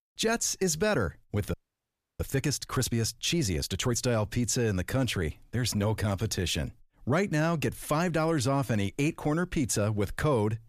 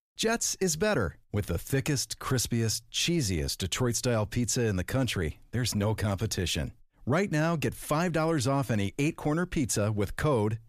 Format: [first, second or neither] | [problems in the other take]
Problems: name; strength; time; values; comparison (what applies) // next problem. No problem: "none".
second | audio freezing; at 1.5 s for 0.5 s